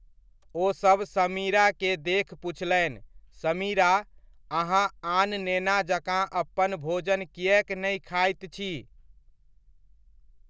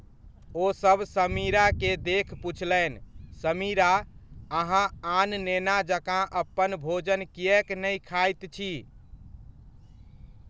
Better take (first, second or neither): first